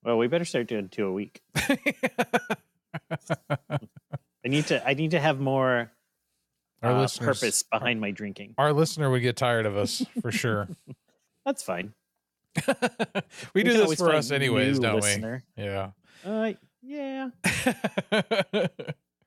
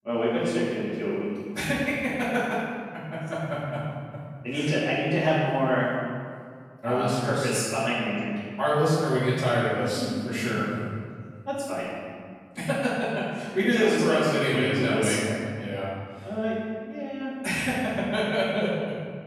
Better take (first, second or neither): first